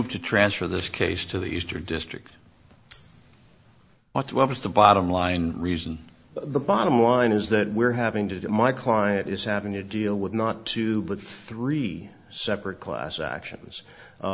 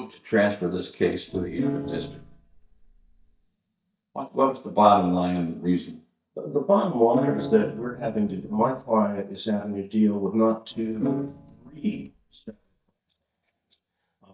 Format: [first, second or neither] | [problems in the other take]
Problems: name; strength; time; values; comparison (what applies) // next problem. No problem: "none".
first | noise reduction (neural mask model DeepFilterNet 3)